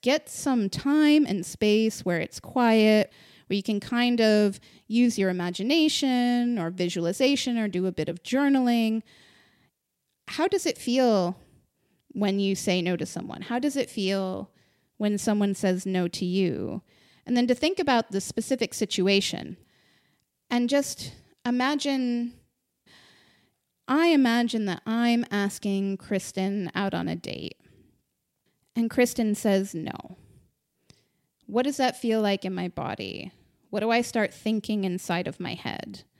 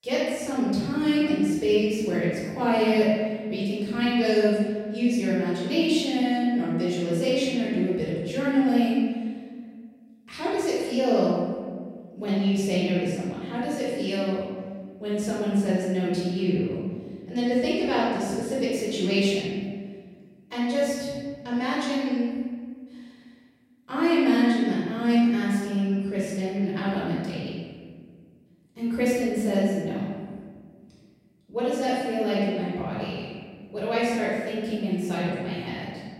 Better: first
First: none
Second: room echo; strong; dies away in 1.6 s // off-mic speech; far

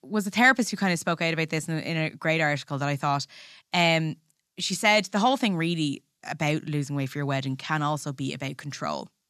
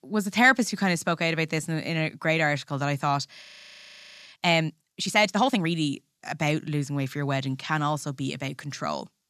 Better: first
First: none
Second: audio freezing; at 3.5 s for 1 s

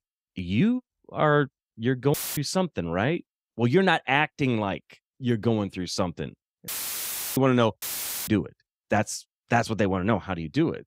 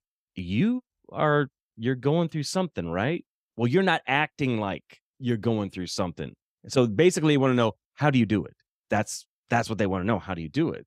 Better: second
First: audio cutting out; filled with static; at 2 s, at 6.5 s for 0.5 s and at 8 s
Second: none

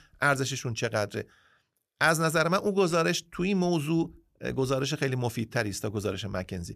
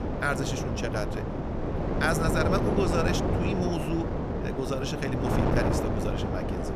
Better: first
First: none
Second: wind noise on the microphone; heavy; as loud as the speech

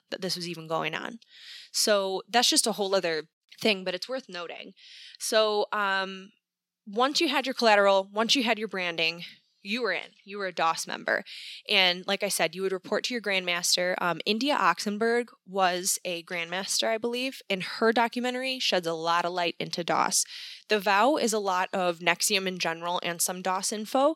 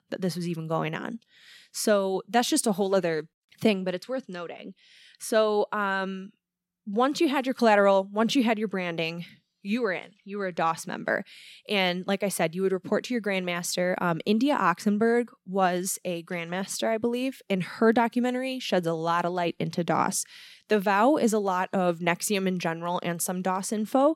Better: second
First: thin; very slightly; fading below 950 Hz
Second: none

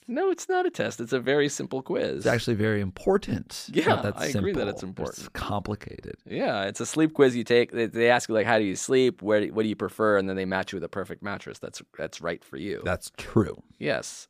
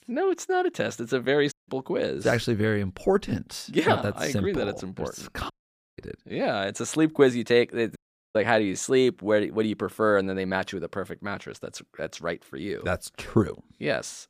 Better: first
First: none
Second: audio cutting out; at 1.5 s, at 5.5 s and at 8 s

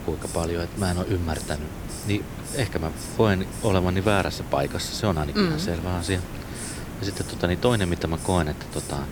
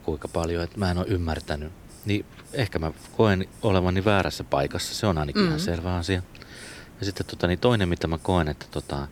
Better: second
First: hiss; loud; throughout; 9 dB below the speech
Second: hiss; faint; throughout; 20 dB below the speech

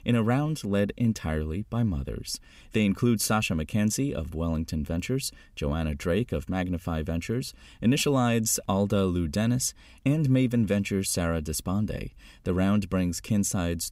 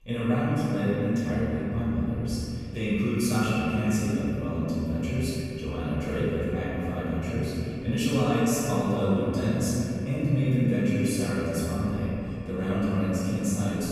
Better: first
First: none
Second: room echo; strong; dies away in 3 s // off-mic speech; far

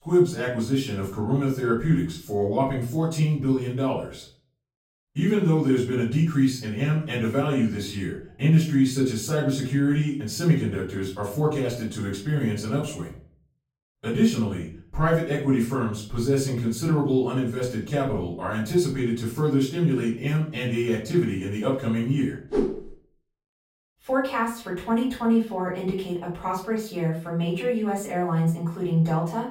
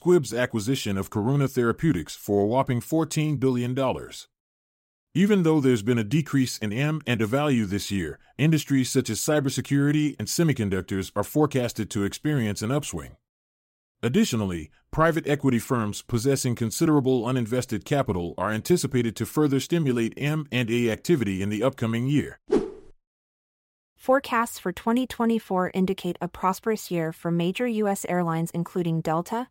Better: second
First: room echo; slight; dies away in 0.4 s // off-mic speech; far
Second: none

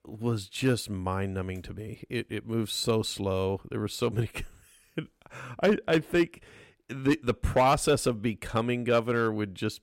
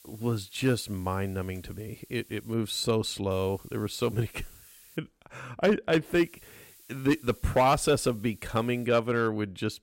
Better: first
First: none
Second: hiss; faint; until 2.5 s, from 3.5 to 5 s and from 6 to 9 s; 25 dB below the speech

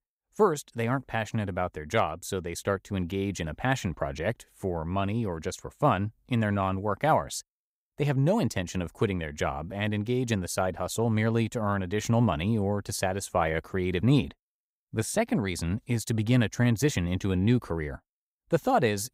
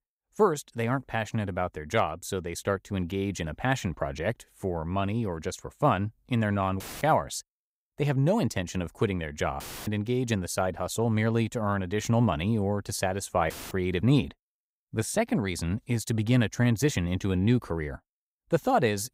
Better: first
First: none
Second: audio cutting out; filled with static; at 7 s, at 9.5 s and at 14 s

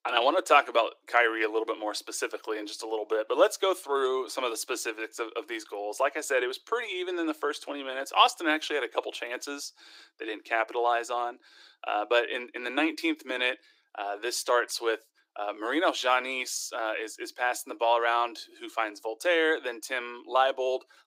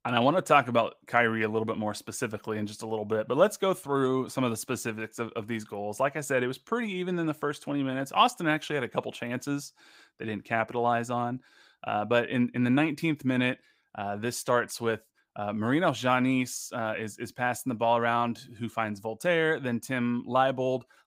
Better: second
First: thin; very; fading below 300 Hz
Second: none

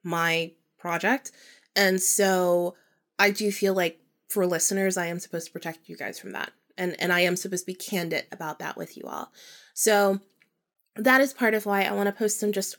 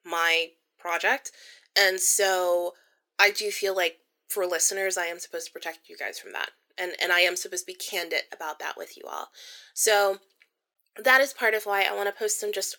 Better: first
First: none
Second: thin; very; fading below 400 Hz

